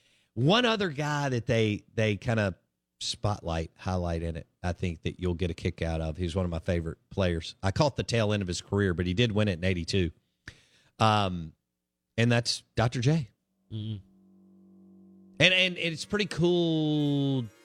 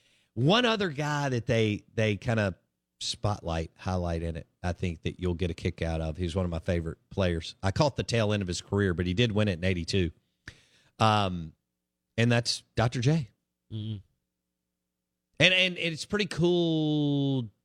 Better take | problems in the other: second | background music; faint; from 14 s on; 30 dB below the speech

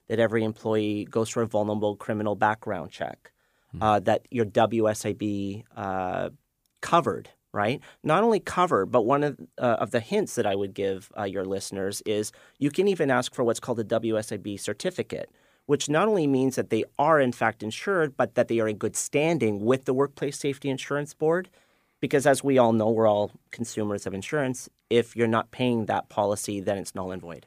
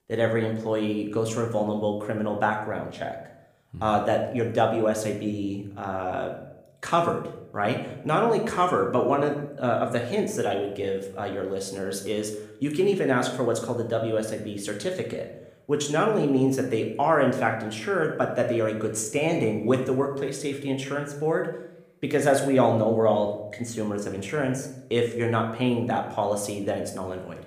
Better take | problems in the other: first | room echo; slight; dies away in 0.6 s

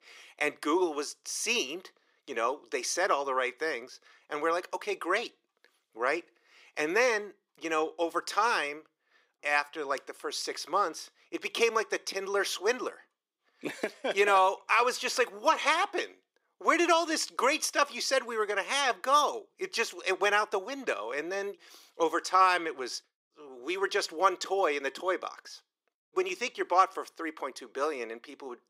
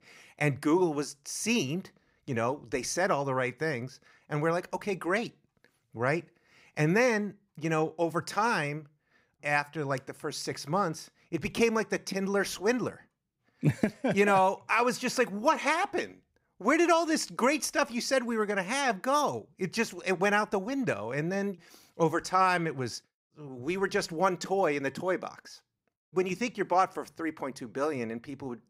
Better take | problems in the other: second | thin; very; fading below 350 Hz

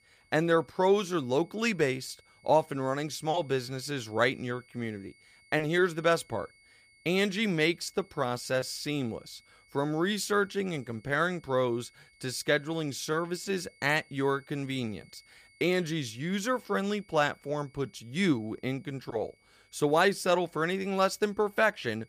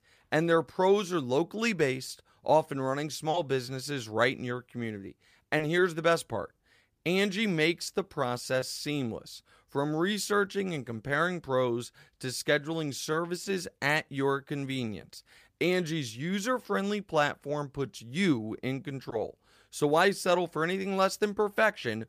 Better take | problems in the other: second | high-pitched whine; faint; throughout; 2 kHz, 30 dB below the speech

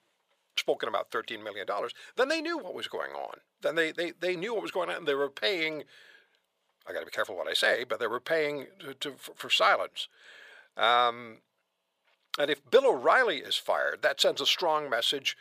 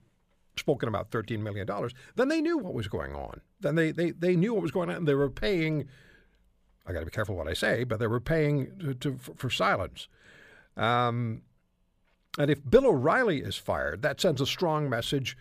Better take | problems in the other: second | thin; very; fading below 600 Hz

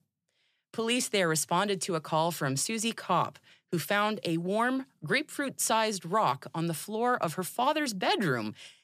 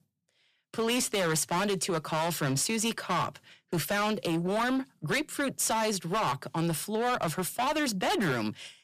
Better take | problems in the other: first | distortion; heavy; 16% of the sound clipped

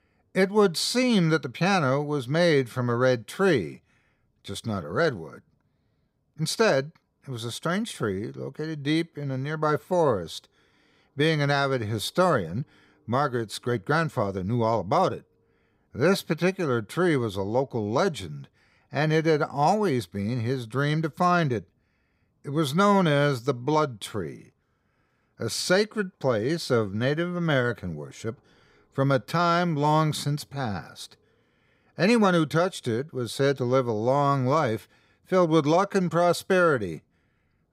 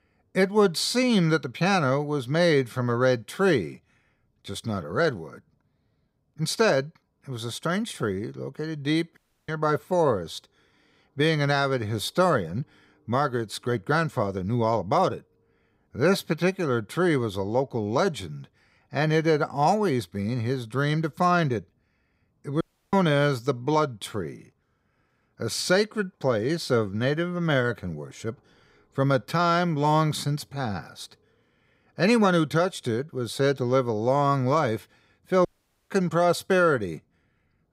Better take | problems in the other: first | audio cutting out; at 9 s, at 23 s and at 35 s

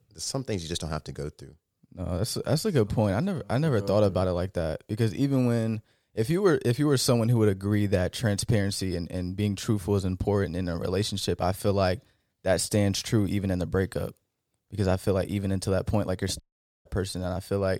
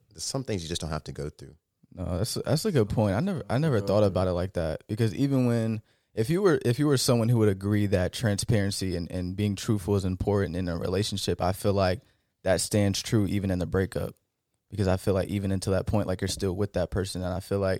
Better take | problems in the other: second | audio cutting out; at 16 s

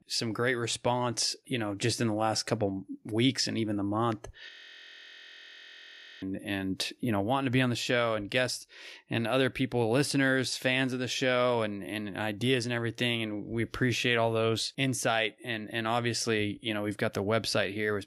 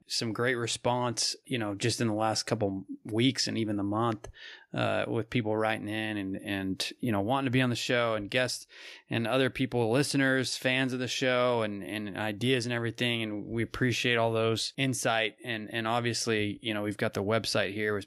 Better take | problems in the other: second | audio freezing; at 4.5 s for 1.5 s

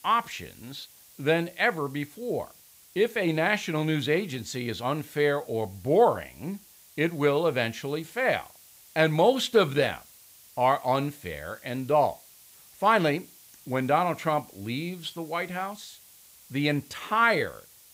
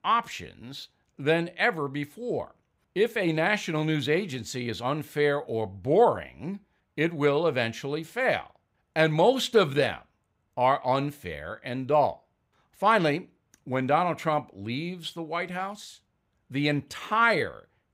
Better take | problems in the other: second | hiss; faint; throughout; 25 dB below the speech

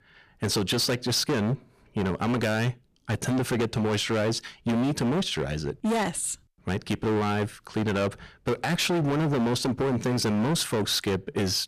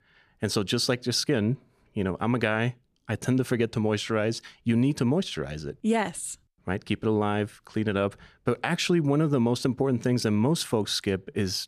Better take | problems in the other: second | distortion; heavy; 23% of the sound clipped

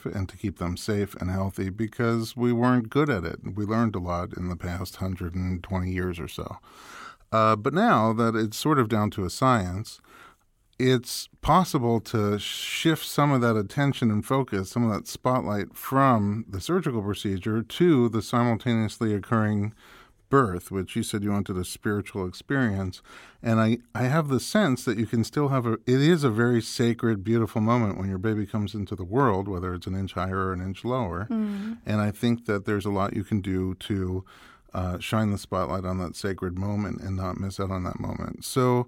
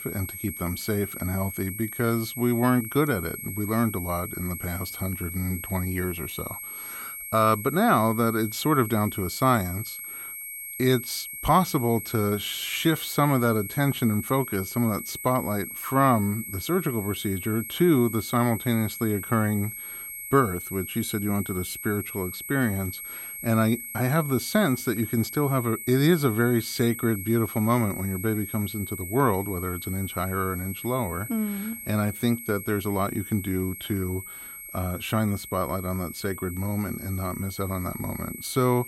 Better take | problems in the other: first | high-pitched whine; loud; throughout; 2 kHz, 9 dB below the speech

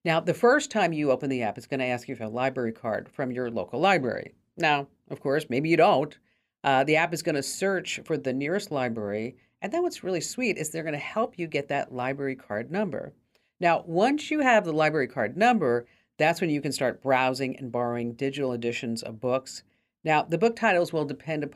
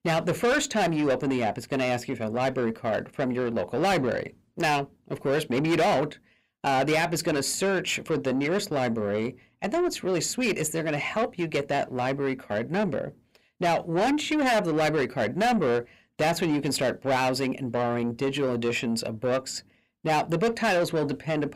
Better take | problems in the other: first | distortion; heavy; 7 dB below the speech

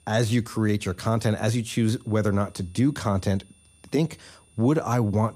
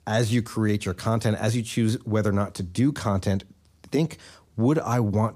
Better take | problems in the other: second | high-pitched whine; faint; throughout; 9 kHz, 35 dB below the speech

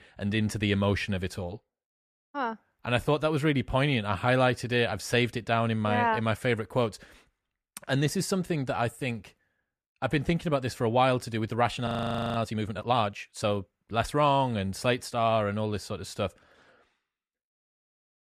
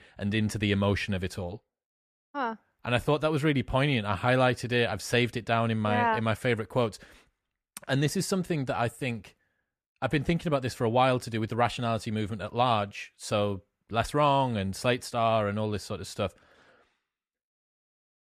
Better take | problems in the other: second | audio freezing; at 12 s

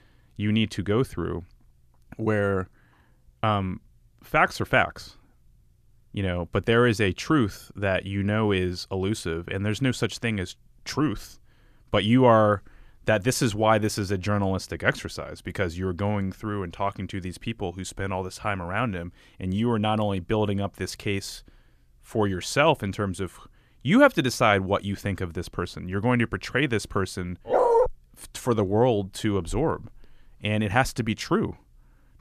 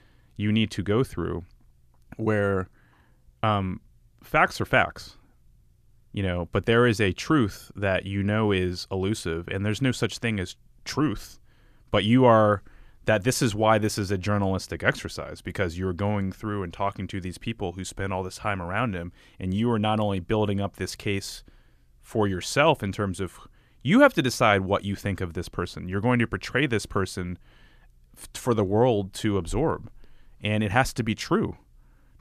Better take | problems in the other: second | dog barking; loud; at 27 s; peak 5 dB above the speech

